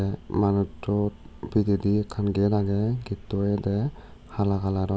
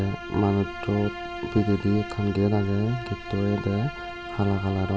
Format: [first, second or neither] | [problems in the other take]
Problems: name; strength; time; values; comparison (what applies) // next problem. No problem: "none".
first | background sound (Bowed string instrument); 11 dB below the speech